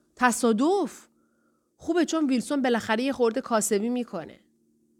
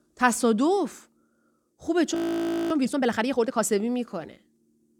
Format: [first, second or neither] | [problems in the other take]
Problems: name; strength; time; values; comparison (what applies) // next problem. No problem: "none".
first | audio freezing; at 2 s for 0.5 s